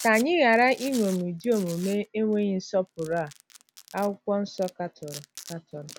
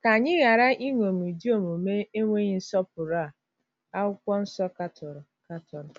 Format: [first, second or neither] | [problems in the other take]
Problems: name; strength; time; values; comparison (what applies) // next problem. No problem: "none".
second | background sound (Domestic sounds, home sounds); 19 dB below the speech